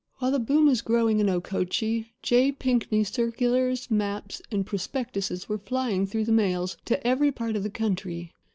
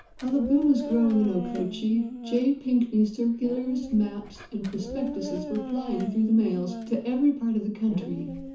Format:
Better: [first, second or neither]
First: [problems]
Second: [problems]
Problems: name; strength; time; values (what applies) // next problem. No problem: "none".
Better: first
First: none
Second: background sound (Dog); 11 dB below the speech // room echo; dies away in 0.9 s